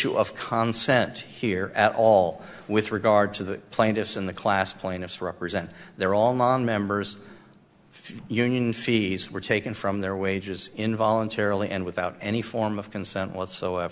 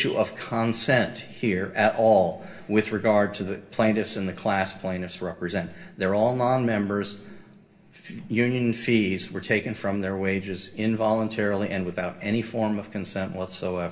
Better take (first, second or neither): first